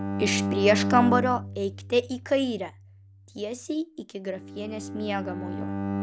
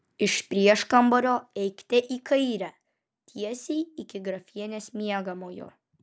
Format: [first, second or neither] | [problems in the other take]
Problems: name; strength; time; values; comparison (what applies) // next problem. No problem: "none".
second | background sound (Bowed string instrument); 4 dB below the speech